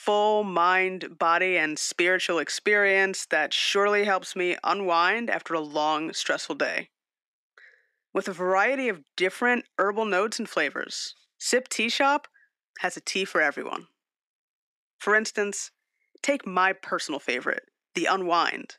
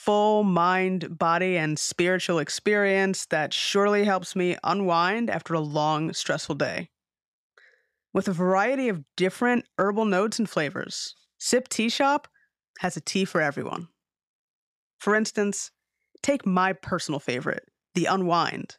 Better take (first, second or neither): second